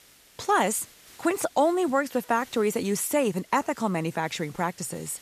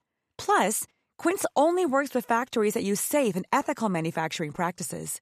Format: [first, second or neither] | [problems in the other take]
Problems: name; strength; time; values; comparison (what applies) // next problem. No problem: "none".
second | hiss; faint; throughout; 25 dB below the speech